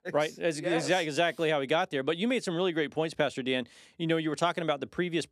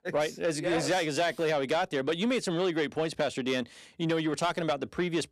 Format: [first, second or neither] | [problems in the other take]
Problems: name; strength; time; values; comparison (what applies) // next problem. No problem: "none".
first | distortion; slight; 10 dB below the speech